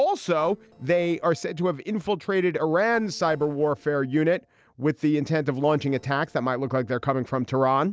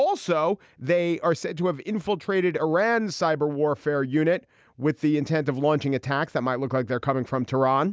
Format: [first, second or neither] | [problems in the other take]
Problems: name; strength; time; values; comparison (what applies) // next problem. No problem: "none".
second | noise reduction (neural separator model SepFormer DNS4)